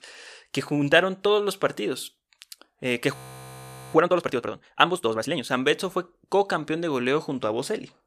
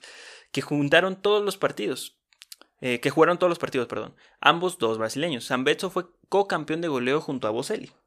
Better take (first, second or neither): second